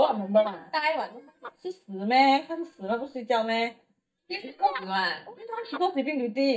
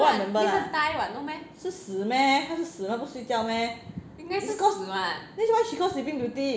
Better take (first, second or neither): second